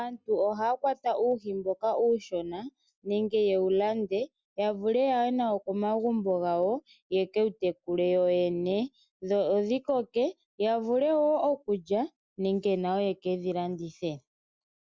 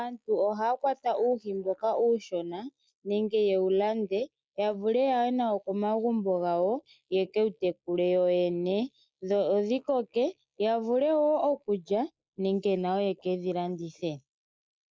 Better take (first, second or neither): first